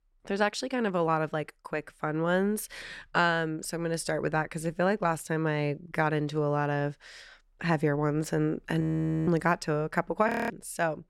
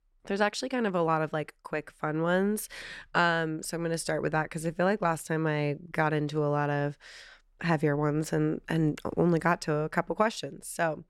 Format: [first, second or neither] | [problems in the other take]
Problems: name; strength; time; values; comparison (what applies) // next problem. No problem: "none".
second | audio freezing; at 9 s and at 10 s